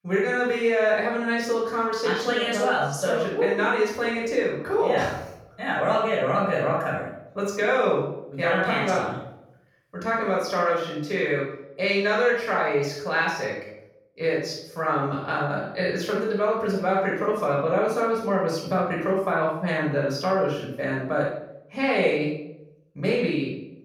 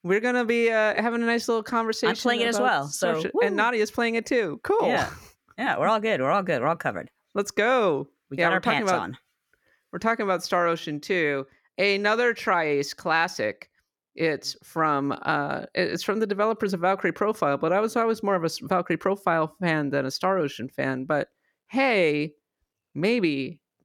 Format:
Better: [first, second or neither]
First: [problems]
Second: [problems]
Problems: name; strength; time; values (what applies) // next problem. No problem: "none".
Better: second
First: off-mic speech; far // room echo; noticeable; dies away in 0.6 s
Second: none